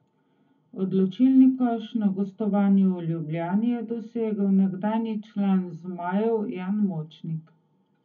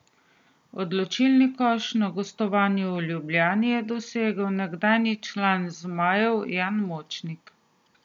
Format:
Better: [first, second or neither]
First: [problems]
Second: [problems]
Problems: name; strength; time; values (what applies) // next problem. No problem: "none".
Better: second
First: room echo; dies away in 0.3 s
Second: none